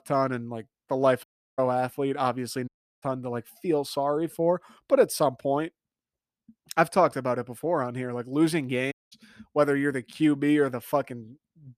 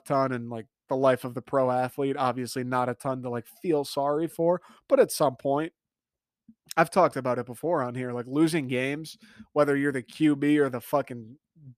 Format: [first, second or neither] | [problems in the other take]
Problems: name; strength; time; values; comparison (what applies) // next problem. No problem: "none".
second | audio cutting out; at 1 s, at 2.5 s and at 9 s